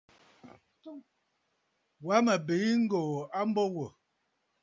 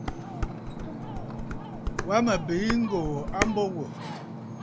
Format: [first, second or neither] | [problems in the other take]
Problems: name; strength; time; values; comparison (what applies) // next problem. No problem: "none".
first | background sound (Dishes, pots, and pans + Ocean); 3 dB below the speech